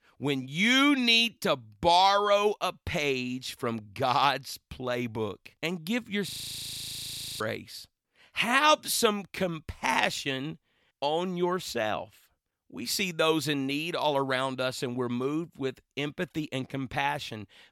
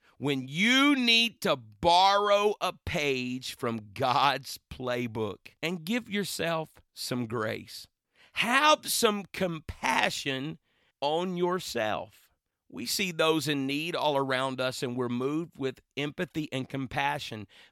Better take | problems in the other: second | audio freezing; at 6.5 s for 1 s

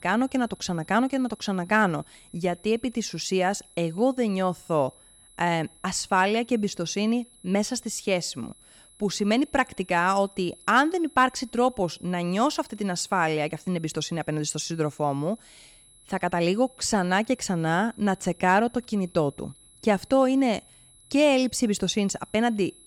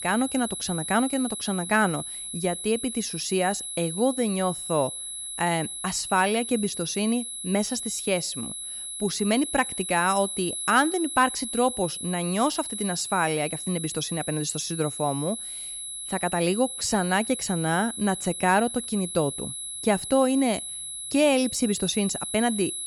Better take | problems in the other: first | high-pitched whine; loud; throughout; 11 kHz, 6 dB below the speech; faint in the first

